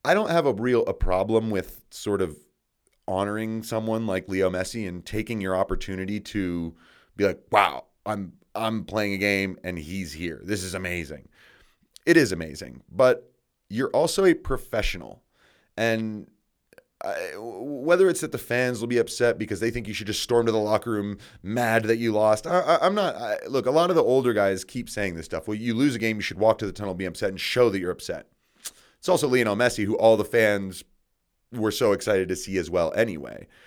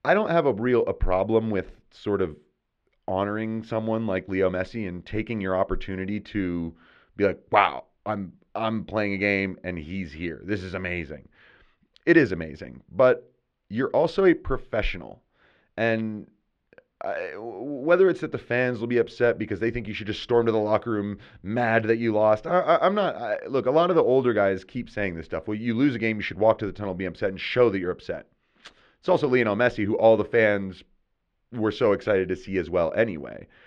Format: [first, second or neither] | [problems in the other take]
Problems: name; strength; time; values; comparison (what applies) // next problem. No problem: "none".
first | muffled; slightly; fading above 3 kHz